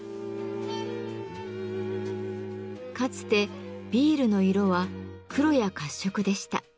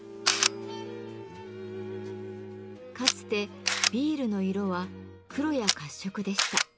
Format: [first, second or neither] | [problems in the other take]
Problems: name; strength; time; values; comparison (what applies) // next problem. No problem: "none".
first | background sound (Camera); as loud as the speech